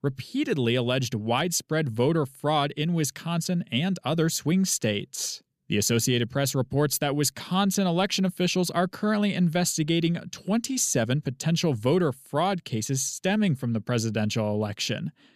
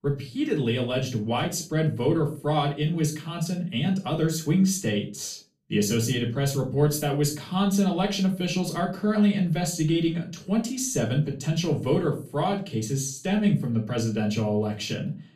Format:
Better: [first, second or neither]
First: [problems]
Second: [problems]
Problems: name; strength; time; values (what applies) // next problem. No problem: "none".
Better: first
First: none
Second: off-mic speech; far // room echo; slight; dies away in 0.3 s